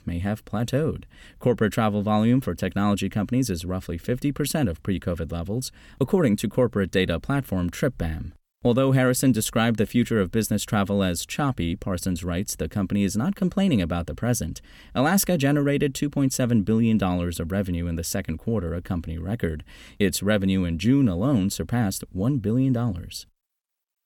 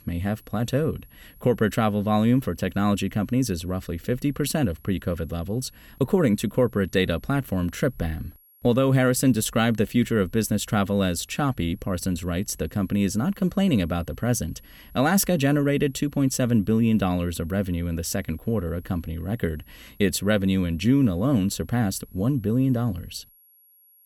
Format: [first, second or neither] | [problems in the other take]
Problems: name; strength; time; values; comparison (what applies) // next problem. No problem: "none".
first | high-pitched whine; faint; throughout; 11.5 kHz, 30 dB below the speech